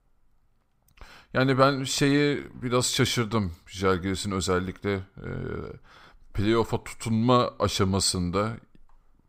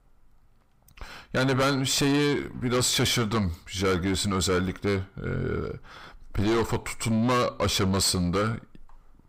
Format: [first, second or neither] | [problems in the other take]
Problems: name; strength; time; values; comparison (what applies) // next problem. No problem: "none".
first | distortion; heavy; 6 dB below the speech